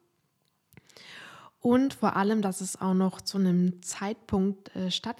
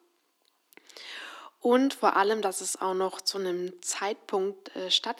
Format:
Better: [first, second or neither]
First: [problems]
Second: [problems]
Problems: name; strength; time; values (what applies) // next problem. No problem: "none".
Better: first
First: none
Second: thin; somewhat; fading below 300 Hz